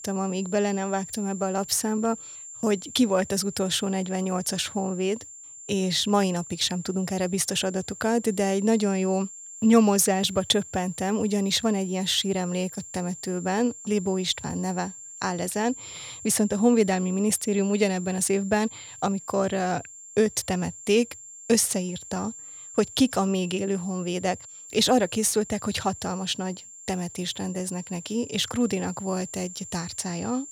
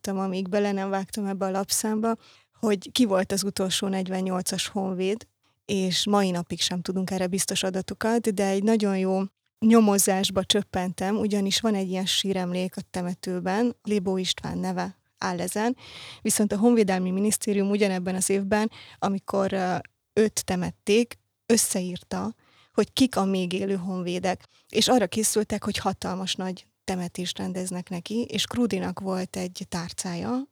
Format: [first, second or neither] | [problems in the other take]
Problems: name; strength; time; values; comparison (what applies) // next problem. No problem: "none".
second | high-pitched whine; noticeable; throughout; 7.5 kHz, 15 dB below the speech